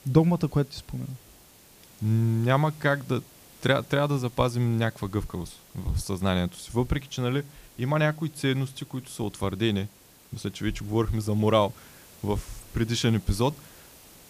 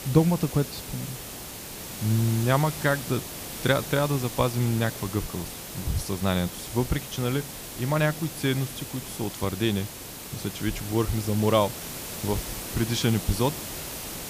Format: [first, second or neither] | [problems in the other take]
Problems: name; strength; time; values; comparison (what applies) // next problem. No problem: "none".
first | hiss; loud; throughout; 8 dB below the speech; faint in the first